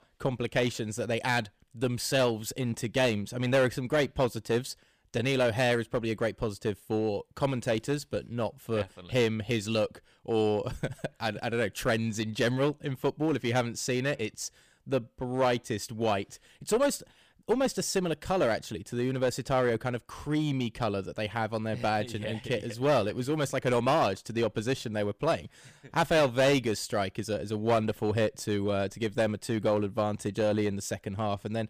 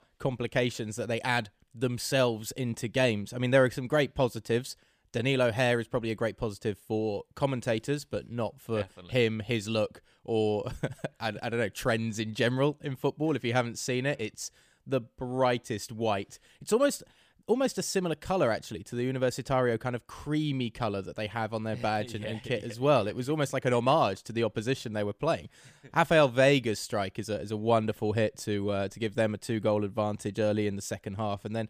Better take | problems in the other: second | distortion; slight; 5% of the sound clipped

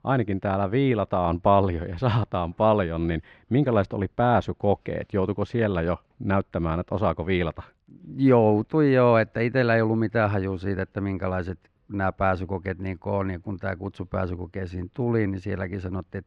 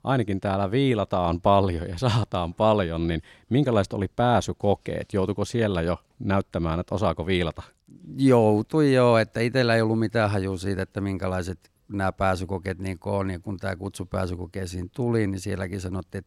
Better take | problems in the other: second | muffled; slightly; fading above 2 kHz

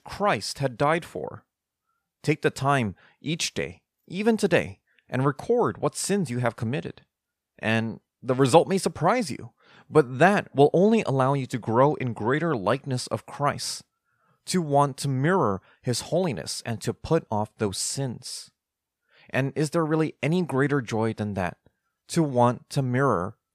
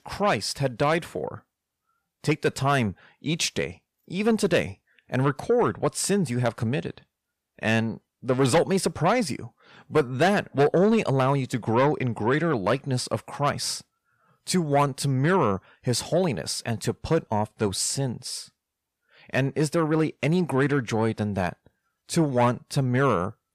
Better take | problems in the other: first | distortion; slight; 10 dB below the speech

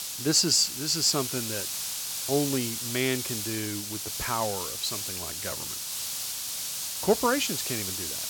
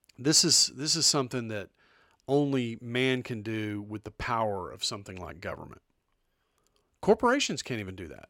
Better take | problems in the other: second | hiss; loud; throughout; 3 dB below the speech

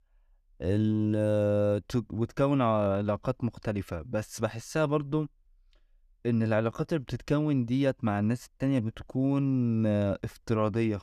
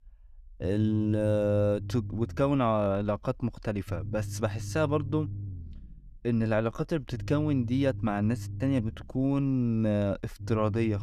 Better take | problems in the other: first | low rumble; faint; throughout; 20 dB below the speech

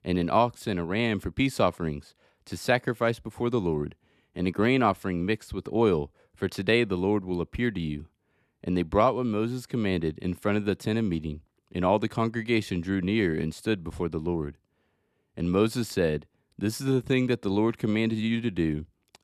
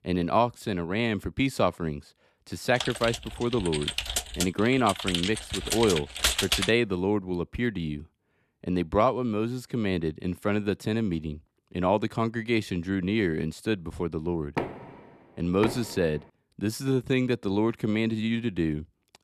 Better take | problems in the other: first | keyboard typing; loud; from 3 to 6.5 s; peak 5 dB above the speech // door banging; noticeable; from 15 to 16 s; peak 5 dB below the speech

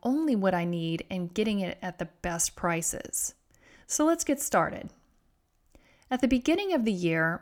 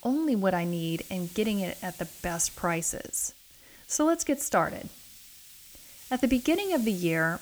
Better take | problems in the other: first | hiss; noticeable; throughout; 15 dB below the speech

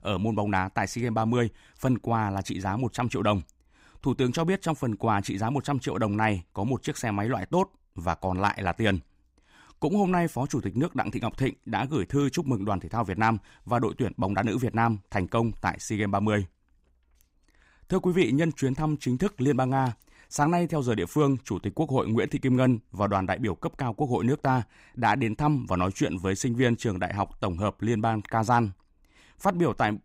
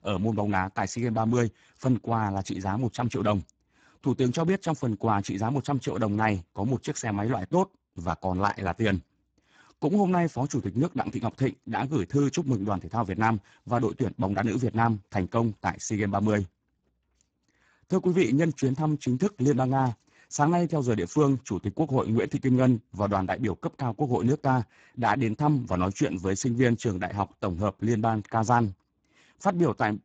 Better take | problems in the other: first | garbled, watery; badly; nothing above 7.5 kHz

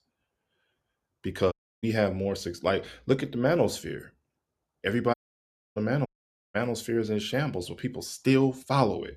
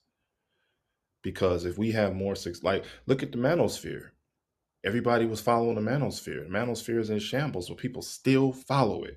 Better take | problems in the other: second | audio cutting out; at 1.5 s, at 5 s for 0.5 s and at 6 s

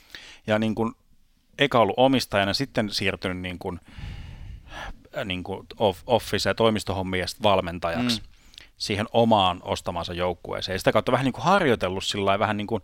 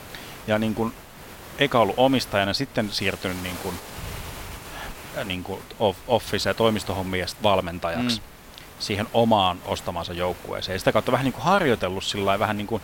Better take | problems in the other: first | hiss; noticeable; throughout; 15 dB below the speech

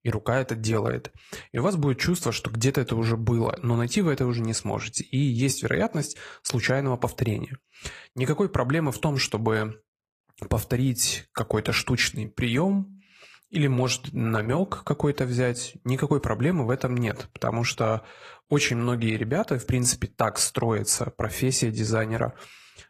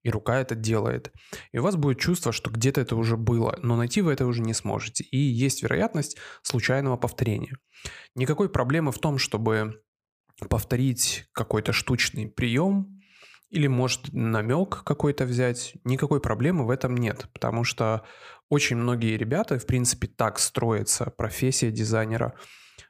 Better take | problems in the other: second | garbled, watery; slightly; nothing above 14.5 kHz

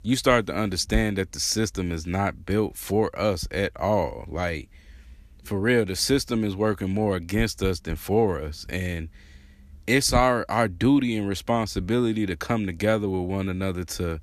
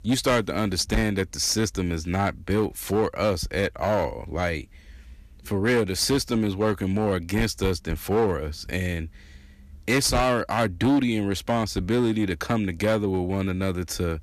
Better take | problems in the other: first | distortion; slight; 6% of the sound clipped

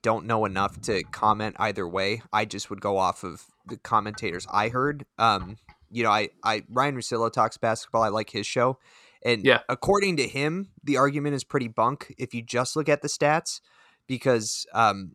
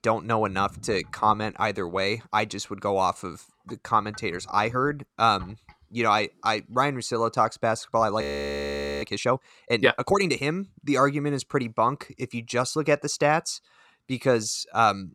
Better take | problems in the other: first | audio freezing; at 8 s for 1 s

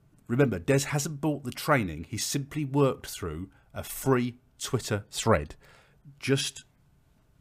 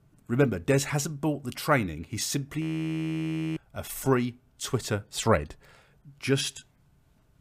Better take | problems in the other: first | audio freezing; at 2.5 s for 1 s

